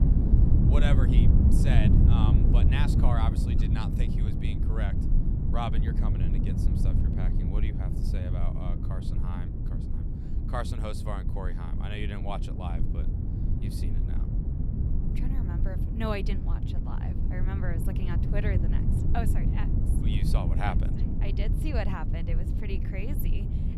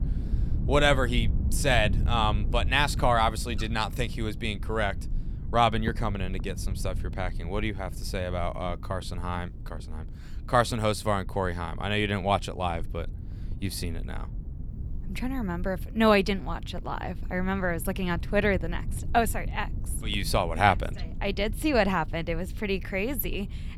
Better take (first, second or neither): second